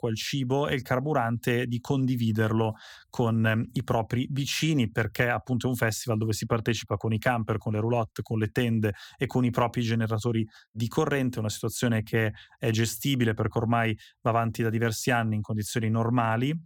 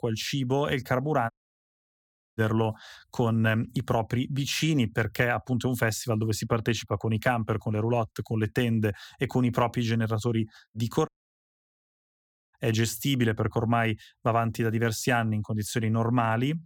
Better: first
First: none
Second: audio cutting out; at 1.5 s for 1 s and at 11 s for 1.5 s

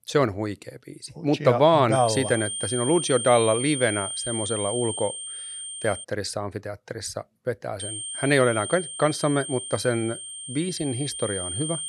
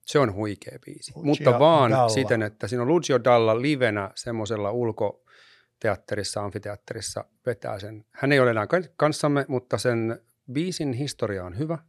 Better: second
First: high-pitched whine; loud; from 2 to 6 s and from 8 s on; 8.5 kHz, 6 dB below the speech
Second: none

